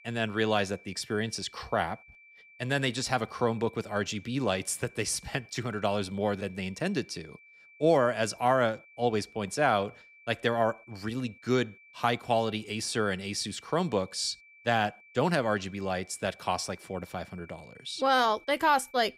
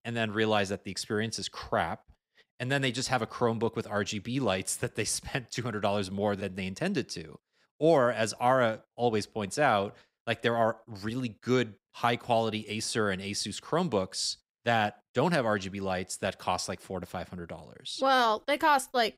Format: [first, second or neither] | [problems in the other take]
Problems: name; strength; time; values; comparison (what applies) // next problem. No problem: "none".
second | high-pitched whine; faint; throughout; 2.5 kHz, 25 dB below the speech